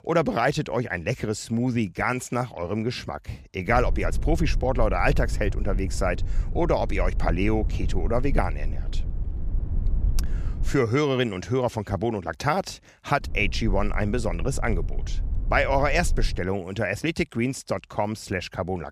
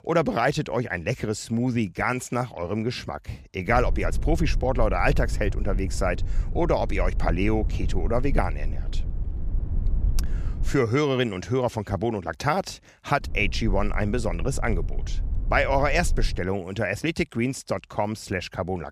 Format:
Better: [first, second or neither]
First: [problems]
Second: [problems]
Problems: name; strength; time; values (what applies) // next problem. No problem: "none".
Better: neither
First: low rumble; faint; from 3.5 to 11 s and from 13 to 16 s; 20 dB below the speech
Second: low rumble; faint; from 3.5 to 11 s and from 13 to 16 s; 20 dB below the speech